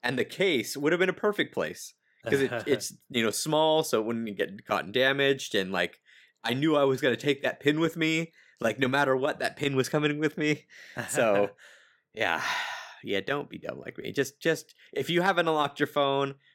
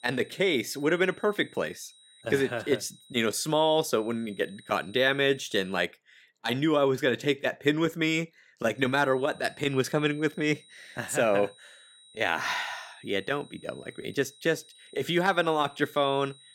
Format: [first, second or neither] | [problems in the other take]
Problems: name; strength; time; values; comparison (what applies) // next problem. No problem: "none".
first | high-pitched whine; faint; until 6 s and from 9 s on; 4 kHz, 25 dB below the speech